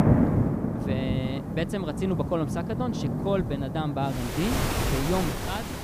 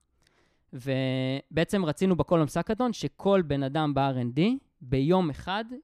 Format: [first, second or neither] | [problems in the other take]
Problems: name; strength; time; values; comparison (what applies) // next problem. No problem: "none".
second | rain or running water; very loud; throughout; 2 dB above the speech